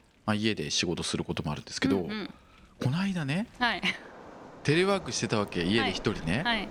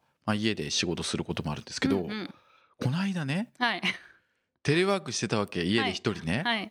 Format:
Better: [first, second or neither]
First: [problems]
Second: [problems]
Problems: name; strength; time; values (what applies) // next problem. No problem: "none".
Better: second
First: rain or running water; noticeable; throughout; 20 dB below the speech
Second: none